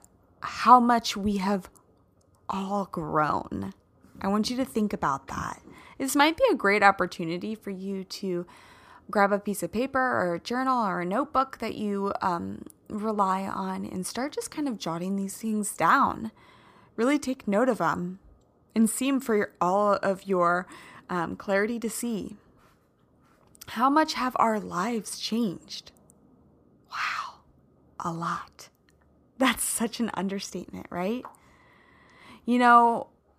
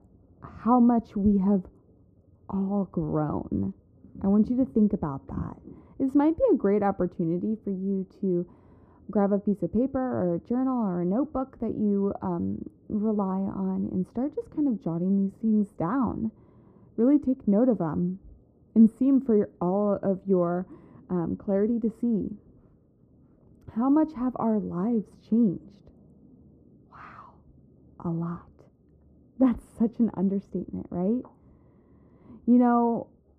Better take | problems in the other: first | muffled; very; fading above 1 kHz

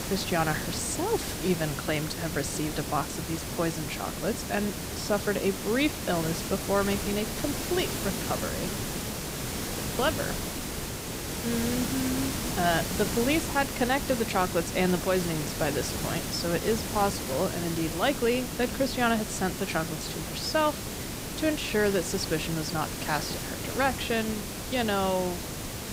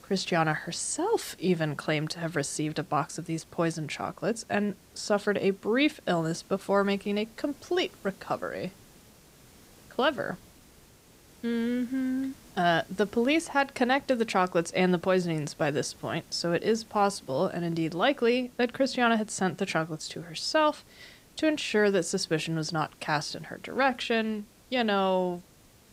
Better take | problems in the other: second | hiss; loud; throughout; 3 dB below the speech; faint in the second

